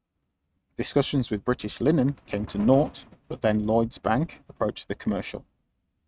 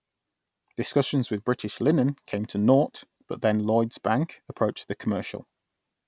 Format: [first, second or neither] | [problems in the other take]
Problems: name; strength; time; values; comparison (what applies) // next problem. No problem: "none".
second | noise reduction (neural mask model RNNoise)